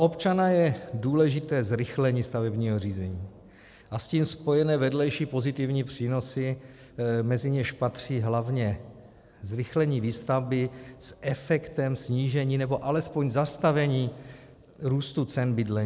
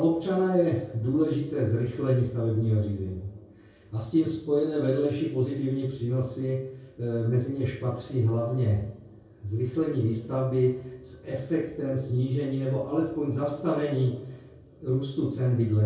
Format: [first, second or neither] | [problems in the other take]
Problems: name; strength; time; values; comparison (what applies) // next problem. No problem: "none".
first | room echo; dies away in 0.6 s